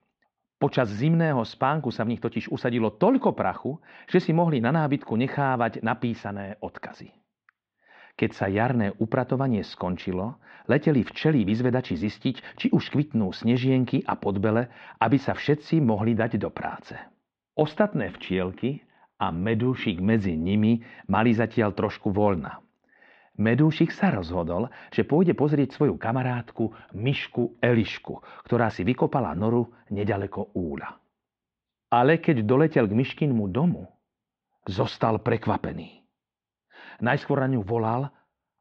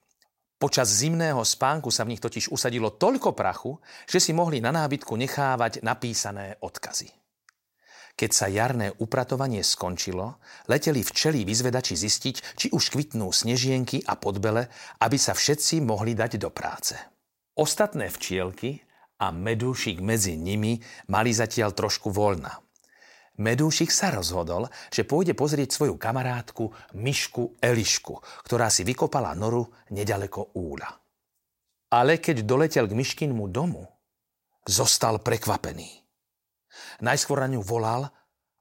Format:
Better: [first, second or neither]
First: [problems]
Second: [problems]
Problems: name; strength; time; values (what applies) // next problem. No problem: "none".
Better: second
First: muffled; very; fading above 3.5 kHz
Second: none